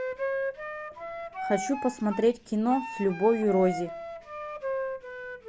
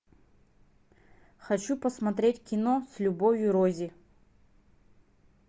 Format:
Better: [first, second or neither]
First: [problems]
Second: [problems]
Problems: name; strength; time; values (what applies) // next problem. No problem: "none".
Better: second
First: background sound (Wind instrument, woodwind instrument); 6 dB below the speech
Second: none